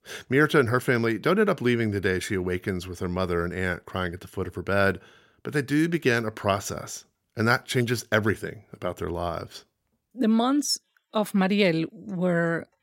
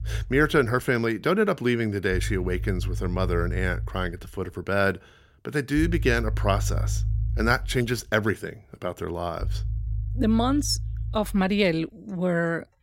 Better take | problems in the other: first | low rumble; faint; throughout; 20 dB below the speech

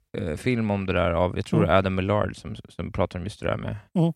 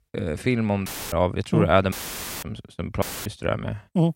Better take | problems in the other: first | audio cutting out; filled with static; at 1 s, at 2 s for 0.5 s and at 3 s

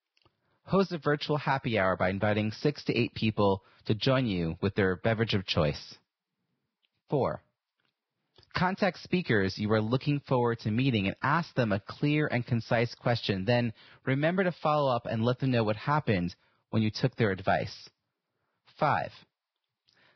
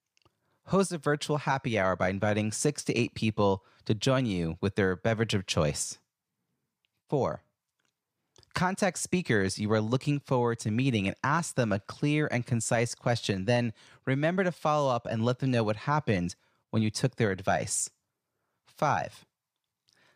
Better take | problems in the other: second | garbled, watery; badly; nothing above 5.5 kHz

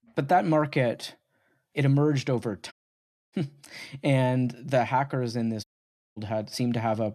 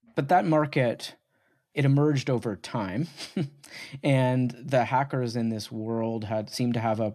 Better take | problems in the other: second | audio cutting out; at 2.5 s for 0.5 s and at 5.5 s for 0.5 s

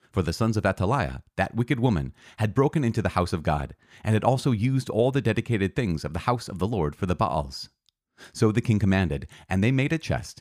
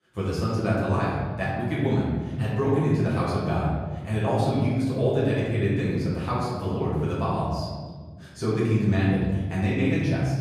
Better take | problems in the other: first | room echo; noticeable; dies away in 1.7 s // off-mic speech; far

